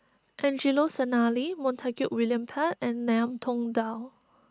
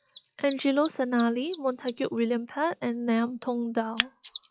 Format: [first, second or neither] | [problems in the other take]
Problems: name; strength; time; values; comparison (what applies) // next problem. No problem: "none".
first | noise reduction (classical method log-MMSE)